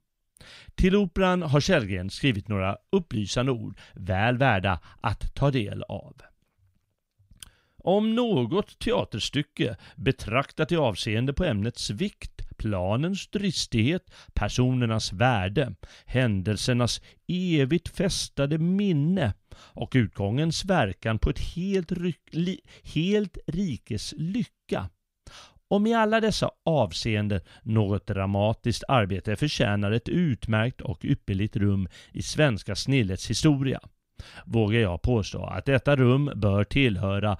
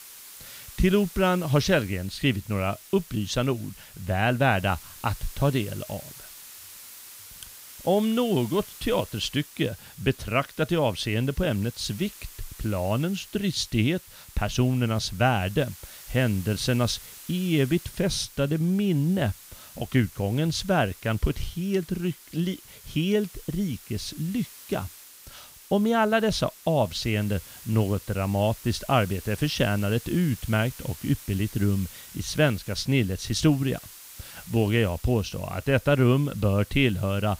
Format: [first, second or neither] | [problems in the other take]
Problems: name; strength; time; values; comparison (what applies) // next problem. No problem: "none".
first | hiss; noticeable; throughout; 15 dB below the speech